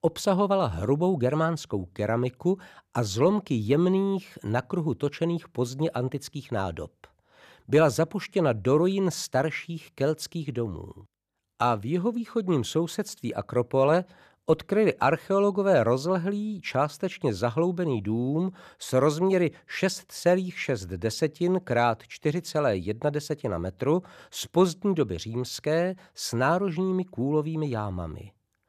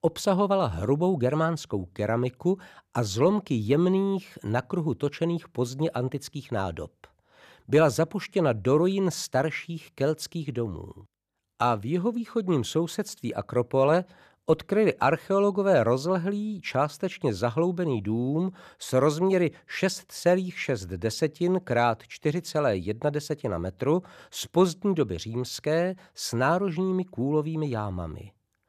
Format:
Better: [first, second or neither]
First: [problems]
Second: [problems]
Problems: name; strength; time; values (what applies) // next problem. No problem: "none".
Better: neither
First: none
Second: none